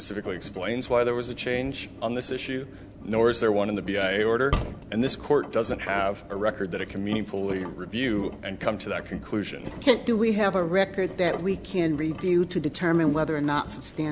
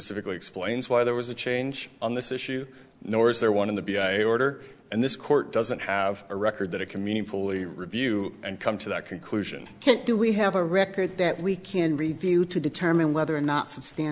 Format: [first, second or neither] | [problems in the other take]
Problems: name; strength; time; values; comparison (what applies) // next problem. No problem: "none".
second | background sound (Engine); 11 dB below the speech